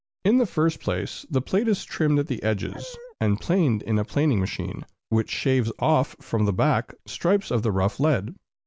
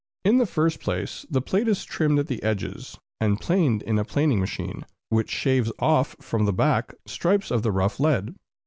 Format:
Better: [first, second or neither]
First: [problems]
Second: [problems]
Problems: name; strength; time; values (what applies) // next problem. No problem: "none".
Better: second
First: background sound (Dog); 16 dB below the speech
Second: none